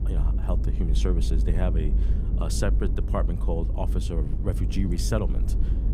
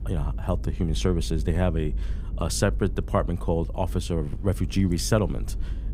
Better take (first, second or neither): second